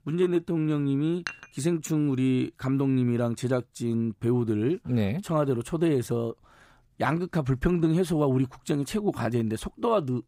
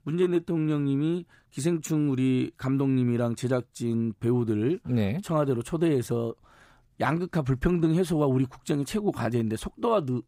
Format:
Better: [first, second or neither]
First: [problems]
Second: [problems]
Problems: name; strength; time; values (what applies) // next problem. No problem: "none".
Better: second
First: clattering dishes; faint; at 1.5 s; peak 10 dB below the speech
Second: none